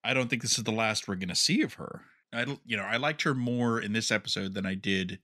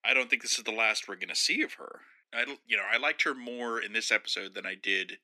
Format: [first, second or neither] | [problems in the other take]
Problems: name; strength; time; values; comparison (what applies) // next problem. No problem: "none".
first | thin; somewhat; fading below 300 Hz